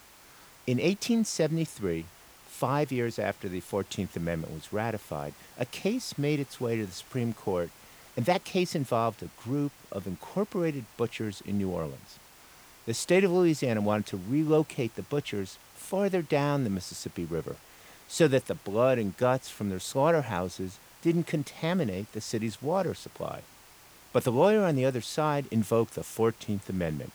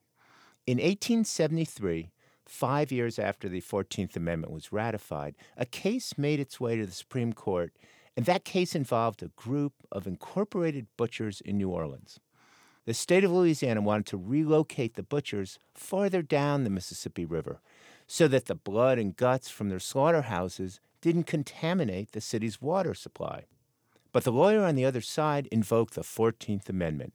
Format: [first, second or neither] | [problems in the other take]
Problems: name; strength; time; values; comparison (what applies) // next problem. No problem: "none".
second | hiss; faint; throughout; 20 dB below the speech